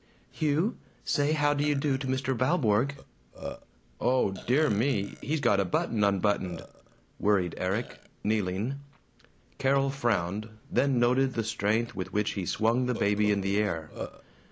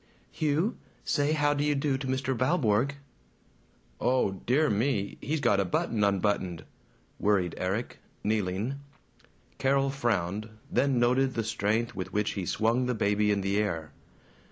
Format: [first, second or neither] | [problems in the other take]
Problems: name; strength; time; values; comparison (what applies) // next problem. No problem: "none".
second | background sound (Burping, eructation); 19 dB below the speech